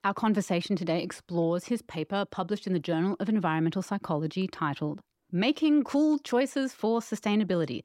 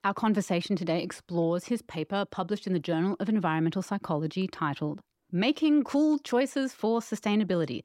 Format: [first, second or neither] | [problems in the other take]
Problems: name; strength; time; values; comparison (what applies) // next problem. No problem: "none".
neither | none